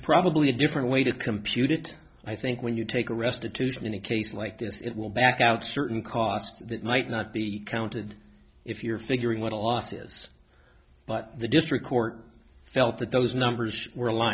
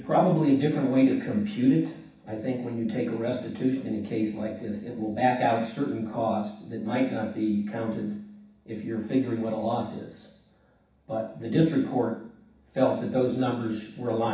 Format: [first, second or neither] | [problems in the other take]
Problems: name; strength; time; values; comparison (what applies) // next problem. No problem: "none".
first | room echo; dies away in 0.7 s